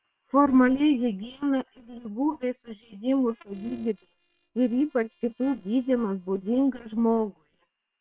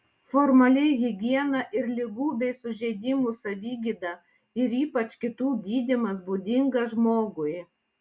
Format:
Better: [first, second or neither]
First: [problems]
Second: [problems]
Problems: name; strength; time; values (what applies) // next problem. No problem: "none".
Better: second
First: noise reduction (neural separator model SepFormer WHAM!)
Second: none